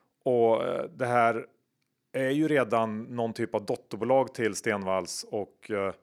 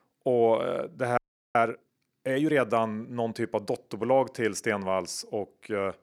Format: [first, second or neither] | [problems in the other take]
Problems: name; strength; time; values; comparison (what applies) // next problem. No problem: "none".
first | audio freezing; at 1 s